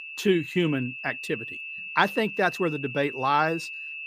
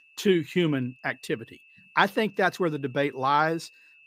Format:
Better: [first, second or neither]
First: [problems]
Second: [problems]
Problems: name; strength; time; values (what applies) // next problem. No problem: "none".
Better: second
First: high-pitched whine; loud; throughout; 2.5 kHz, 9 dB below the speech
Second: high-pitched whine; faint; throughout; 2.5 kHz, 30 dB below the speech